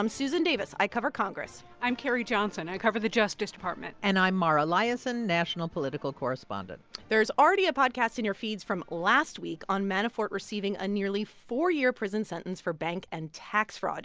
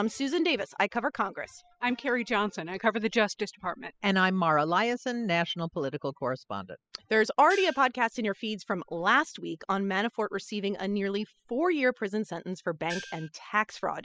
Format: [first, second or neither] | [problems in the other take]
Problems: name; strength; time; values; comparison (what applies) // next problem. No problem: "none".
first | noise reduction (classical method spectral subtraction)